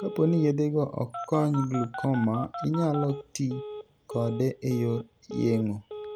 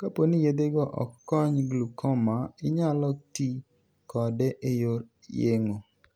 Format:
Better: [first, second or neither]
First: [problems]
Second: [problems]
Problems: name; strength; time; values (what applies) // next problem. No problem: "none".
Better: second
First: background sound (Telephone); 12 dB below the speech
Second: none